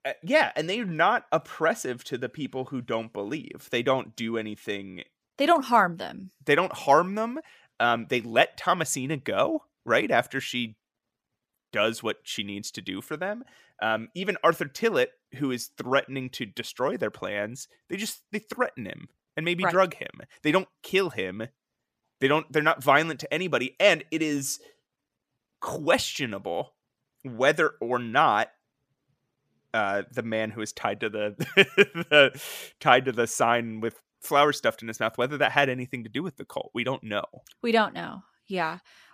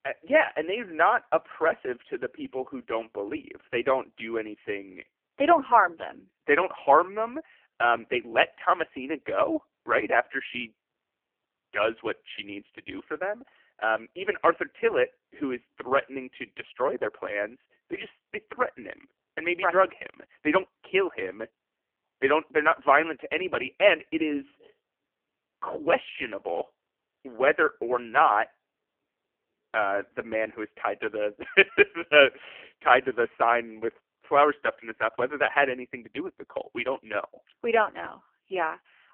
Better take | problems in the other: first | phone-call audio; poor line; nothing above 3 kHz

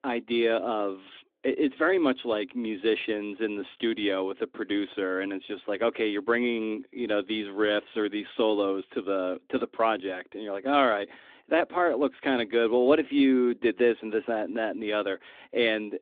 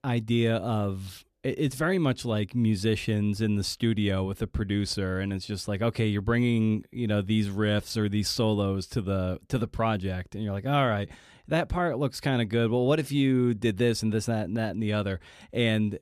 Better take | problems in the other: second | phone-call audio

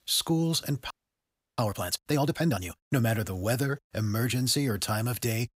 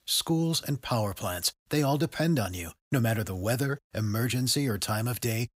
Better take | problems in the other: second | audio freezing; at 1 s for 0.5 s

